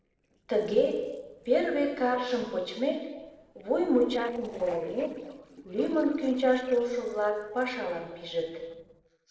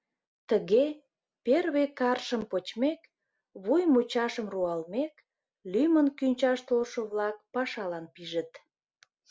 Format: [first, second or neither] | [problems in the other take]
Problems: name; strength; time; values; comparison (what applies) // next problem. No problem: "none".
second | noise reduction (neural separator model SepFormer DNS4)